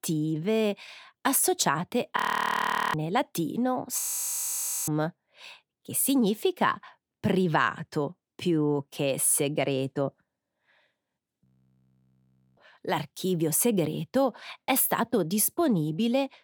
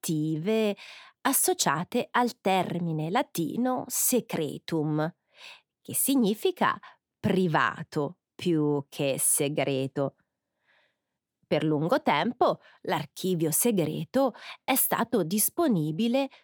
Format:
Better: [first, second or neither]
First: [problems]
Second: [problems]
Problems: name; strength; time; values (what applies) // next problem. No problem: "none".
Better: second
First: audio freezing; at 2 s for 1 s, at 4 s for 1 s and at 11 s for 1 s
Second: none